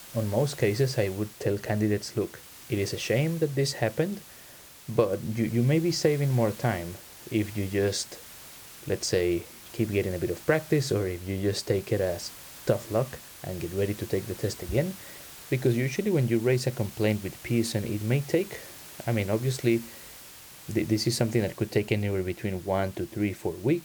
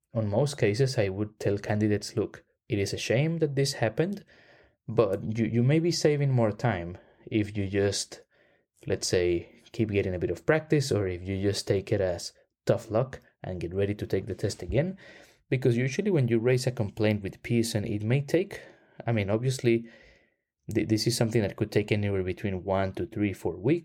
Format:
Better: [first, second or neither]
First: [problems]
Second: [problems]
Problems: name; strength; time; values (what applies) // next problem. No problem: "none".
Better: second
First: hiss; noticeable; throughout; 15 dB below the speech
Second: none